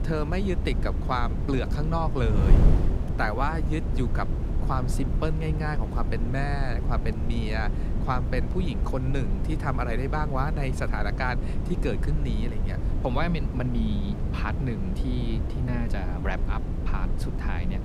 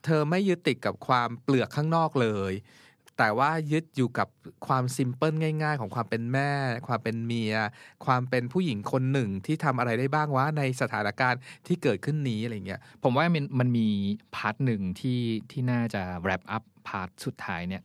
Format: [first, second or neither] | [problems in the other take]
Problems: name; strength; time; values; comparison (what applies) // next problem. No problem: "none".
second | wind noise on the microphone; heavy; 7 dB below the speech